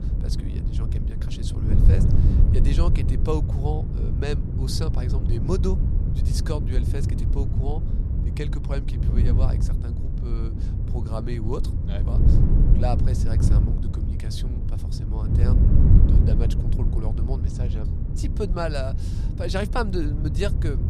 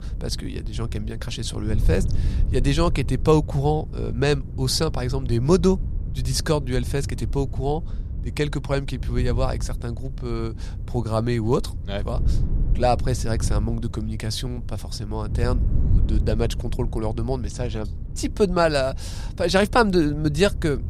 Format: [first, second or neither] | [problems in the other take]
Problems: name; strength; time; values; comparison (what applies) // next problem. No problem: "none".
second | wind noise on the microphone; heavy; 3 dB below the speech; occasional gusts in the second